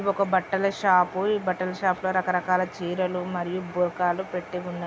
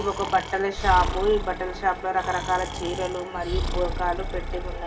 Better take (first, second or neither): first